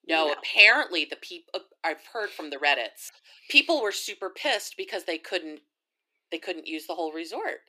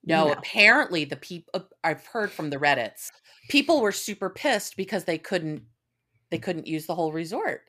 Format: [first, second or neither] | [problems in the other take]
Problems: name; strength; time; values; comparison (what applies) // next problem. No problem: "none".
second | thin; somewhat; fading below 300 Hz